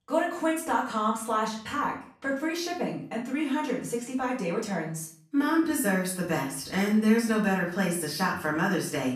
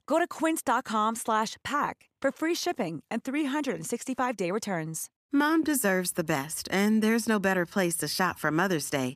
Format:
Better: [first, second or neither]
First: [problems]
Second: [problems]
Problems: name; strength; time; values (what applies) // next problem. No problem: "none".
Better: second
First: off-mic speech; far // room echo; slight; dies away in 0.4 s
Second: none